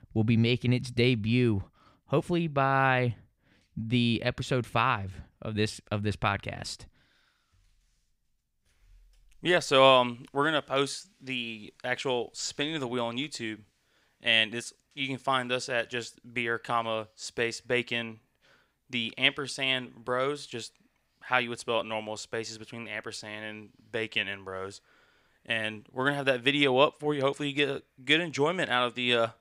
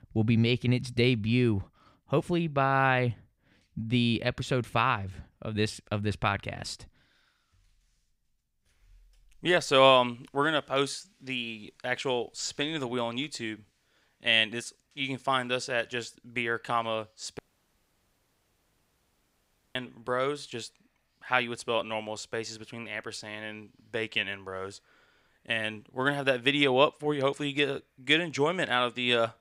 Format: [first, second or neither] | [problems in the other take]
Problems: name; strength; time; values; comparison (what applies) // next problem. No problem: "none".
first | audio cutting out; at 17 s for 2.5 s